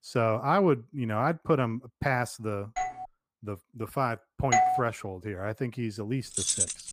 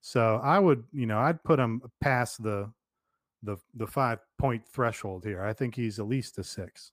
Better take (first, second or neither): second